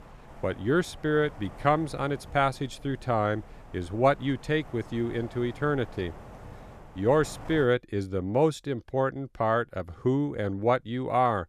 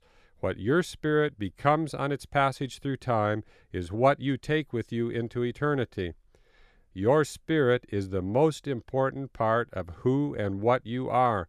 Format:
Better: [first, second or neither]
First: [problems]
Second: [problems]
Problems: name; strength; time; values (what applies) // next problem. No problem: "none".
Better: second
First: wind noise on the microphone; occasional gusts; until 7.5 s; 20 dB below the speech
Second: none